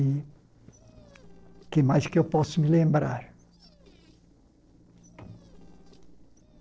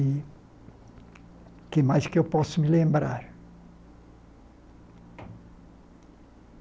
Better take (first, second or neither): second